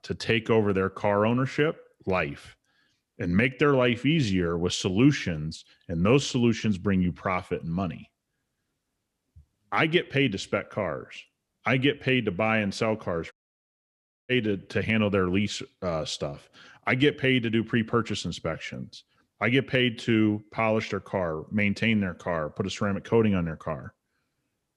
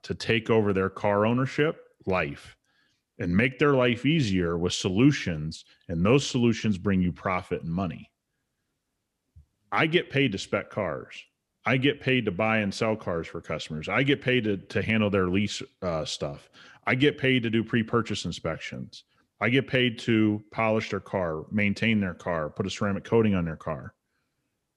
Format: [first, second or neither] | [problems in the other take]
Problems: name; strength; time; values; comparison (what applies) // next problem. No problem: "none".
second | audio cutting out; at 13 s for 1 s